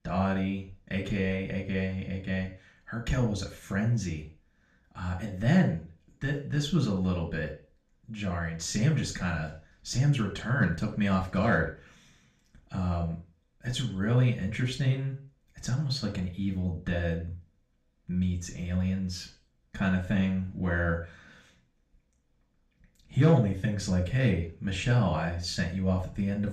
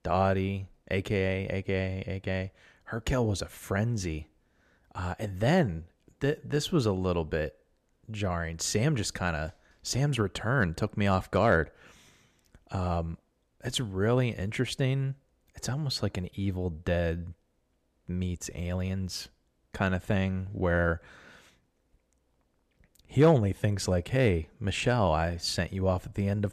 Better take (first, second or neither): second